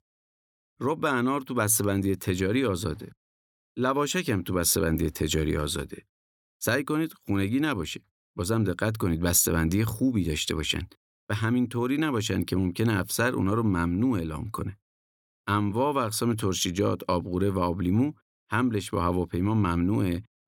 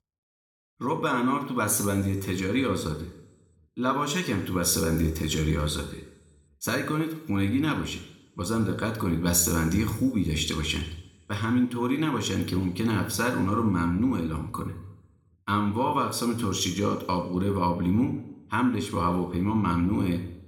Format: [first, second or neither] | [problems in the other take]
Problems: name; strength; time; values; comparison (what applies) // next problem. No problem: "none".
first | room echo; slight; dies away in 0.7 s